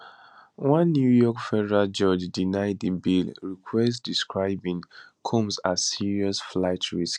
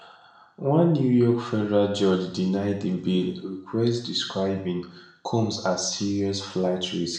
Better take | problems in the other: first | room echo; dies away in 0.6 s

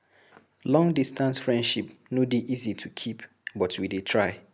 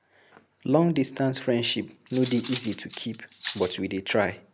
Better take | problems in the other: first | background sound (Cutlery, silverware); 15 dB below the speech

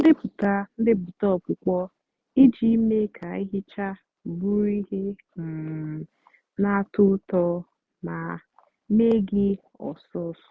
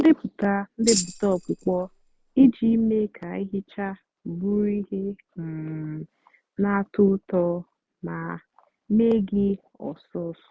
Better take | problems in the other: first | background sound (Tambourine); 8 dB below the speech

